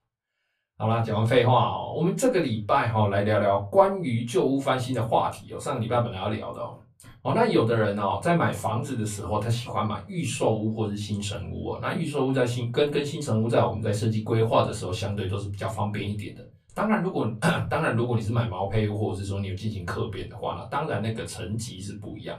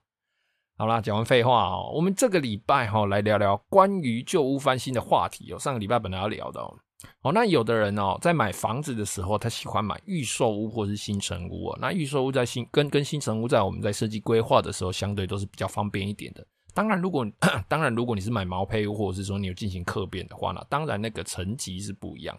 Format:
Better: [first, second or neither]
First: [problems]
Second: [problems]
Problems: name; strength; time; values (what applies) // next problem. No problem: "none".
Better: second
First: off-mic speech; far // room echo; very slight; dies away in 0.3 s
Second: none